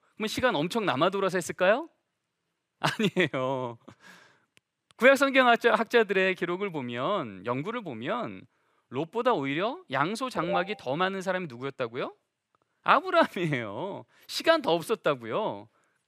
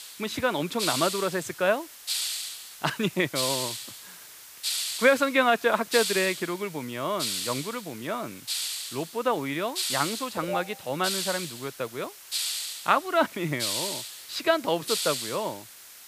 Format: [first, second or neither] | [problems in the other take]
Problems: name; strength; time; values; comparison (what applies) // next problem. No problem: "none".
first | hiss; loud; throughout; 3 dB below the speech